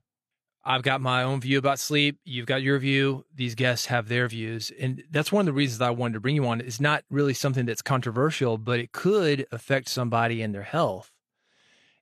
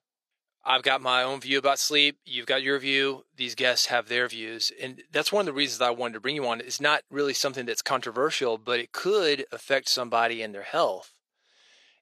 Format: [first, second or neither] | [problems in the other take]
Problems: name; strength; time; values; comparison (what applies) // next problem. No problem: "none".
first | thin; somewhat; fading below 450 Hz